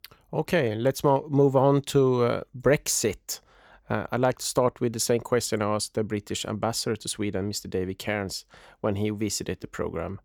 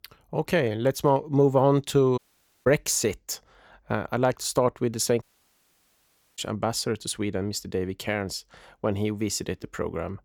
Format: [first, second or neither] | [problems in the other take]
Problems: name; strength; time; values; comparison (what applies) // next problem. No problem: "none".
first | audio cutting out; at 2 s and at 5 s for 1 s